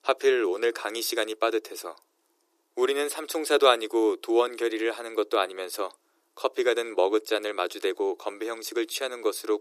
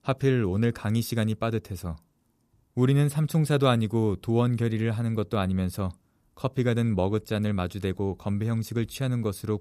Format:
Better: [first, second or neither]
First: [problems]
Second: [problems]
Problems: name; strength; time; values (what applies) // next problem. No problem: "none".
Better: second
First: thin; very; fading below 300 Hz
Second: none